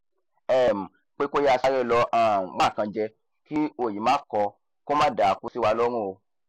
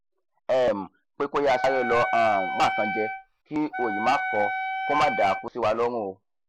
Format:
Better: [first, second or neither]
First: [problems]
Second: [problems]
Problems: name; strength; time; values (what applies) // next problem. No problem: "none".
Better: first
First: none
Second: background sound (Wind instrument, woodwind instrument); 4 dB below the speech